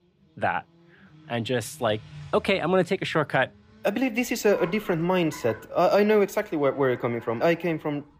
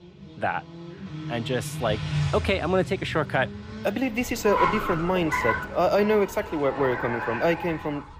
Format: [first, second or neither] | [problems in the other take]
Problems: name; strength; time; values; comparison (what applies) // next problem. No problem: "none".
first | traffic noise; loud; throughout; 5 dB below the speech; faint in the first